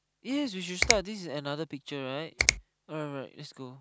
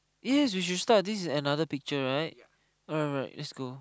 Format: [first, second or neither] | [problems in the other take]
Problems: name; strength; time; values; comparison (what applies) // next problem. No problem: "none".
second | background sound (Finger snapping); 2 dB above the speech